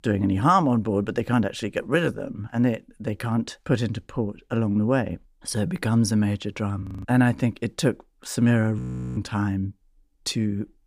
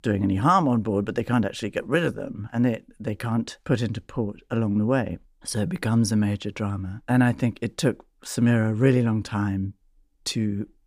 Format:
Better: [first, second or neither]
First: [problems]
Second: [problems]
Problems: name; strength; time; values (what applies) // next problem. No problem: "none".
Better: second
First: audio freezing; at 7 s and at 9 s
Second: none